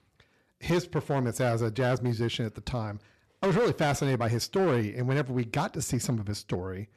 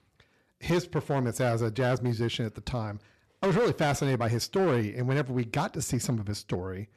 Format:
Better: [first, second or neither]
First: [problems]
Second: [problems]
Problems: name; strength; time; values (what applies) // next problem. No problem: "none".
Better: neither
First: distortion; slight; 9% of the sound clipped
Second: distortion; slight; 9% of the sound clipped